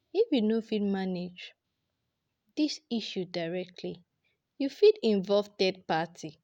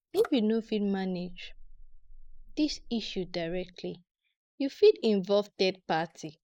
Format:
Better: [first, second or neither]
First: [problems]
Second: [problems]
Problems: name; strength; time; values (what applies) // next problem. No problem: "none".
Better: first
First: none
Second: noise reduction (neural mask model Resemble Enhance denoiser)